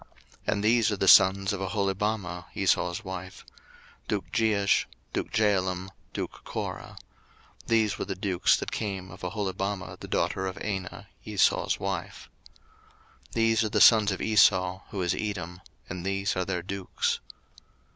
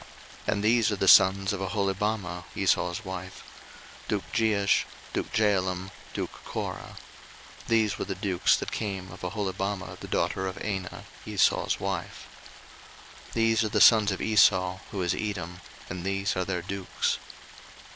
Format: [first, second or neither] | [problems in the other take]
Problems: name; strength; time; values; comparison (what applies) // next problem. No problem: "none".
first | background sound (Stream); 18 dB below the speech